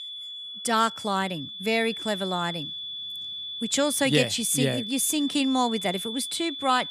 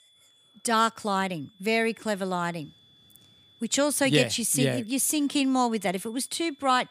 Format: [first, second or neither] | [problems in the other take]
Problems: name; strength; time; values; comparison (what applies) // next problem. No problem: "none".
second | high-pitched whine; loud; throughout; 3.5 kHz, 8 dB below the speech; faint in the second